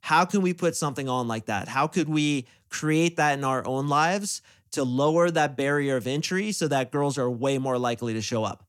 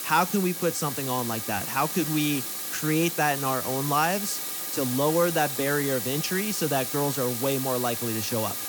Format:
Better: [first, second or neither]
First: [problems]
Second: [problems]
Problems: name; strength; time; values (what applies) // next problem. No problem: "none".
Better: first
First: none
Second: hiss; loud; throughout; 3 dB below the speech